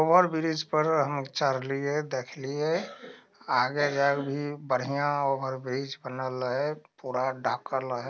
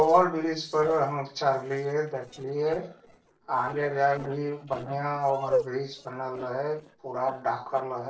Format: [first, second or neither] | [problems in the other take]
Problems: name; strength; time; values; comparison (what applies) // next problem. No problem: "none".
first | noise reduction (neural separator model SepFormer DNS4)